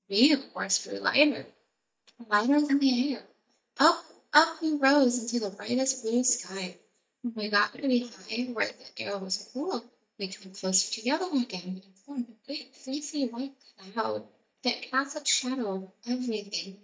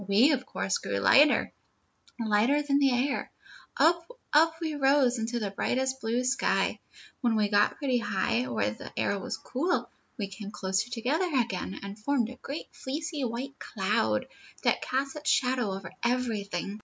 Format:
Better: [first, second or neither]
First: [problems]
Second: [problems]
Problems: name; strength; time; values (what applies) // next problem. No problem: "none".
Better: second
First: noise reduction (neural mask model DeepFilterNet 3)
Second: none